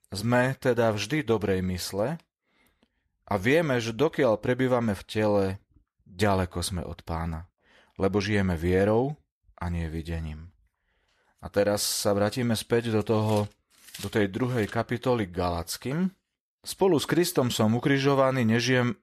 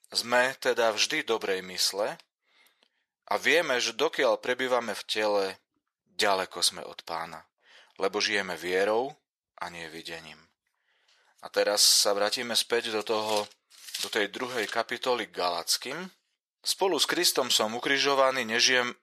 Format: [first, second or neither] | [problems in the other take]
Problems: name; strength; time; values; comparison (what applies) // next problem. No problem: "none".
first | thin; very; fading below 500 Hz